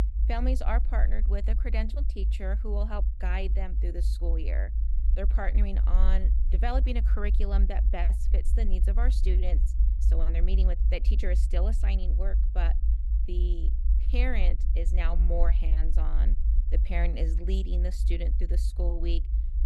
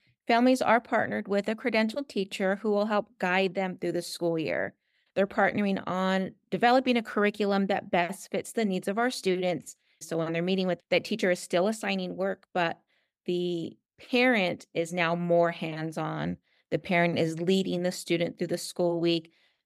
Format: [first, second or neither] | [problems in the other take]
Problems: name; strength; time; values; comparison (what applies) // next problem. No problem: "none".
second | low rumble; noticeable; throughout; 10 dB below the speech